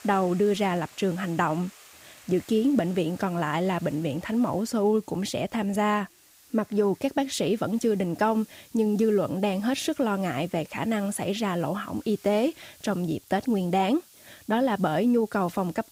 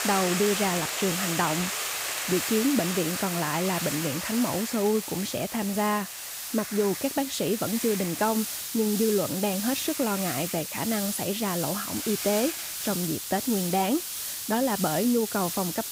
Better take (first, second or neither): first